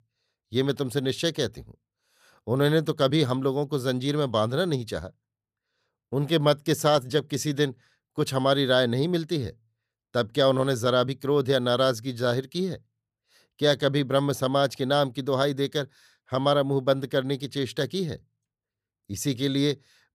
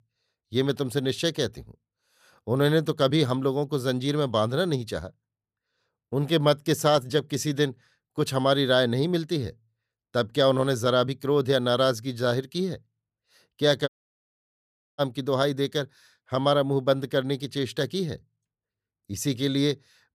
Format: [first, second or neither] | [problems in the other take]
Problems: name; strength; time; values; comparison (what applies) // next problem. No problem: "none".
first | audio cutting out; at 14 s for 1 s